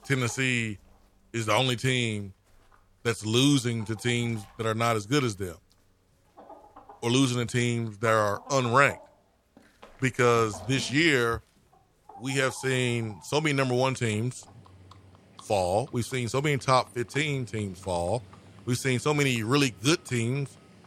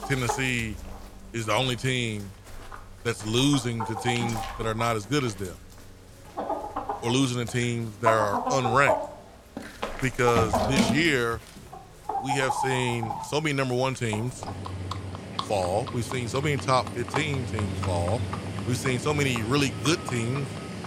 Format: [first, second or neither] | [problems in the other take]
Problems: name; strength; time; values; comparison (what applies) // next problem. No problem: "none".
first | animal sounds; loud; throughout; 5 dB below the speech; faint in the first